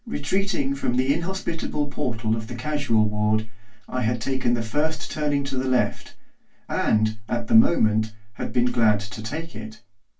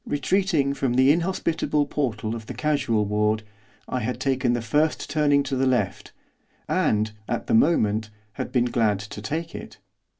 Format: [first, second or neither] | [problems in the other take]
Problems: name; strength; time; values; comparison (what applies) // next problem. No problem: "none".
second | room echo; dies away in 0.2 s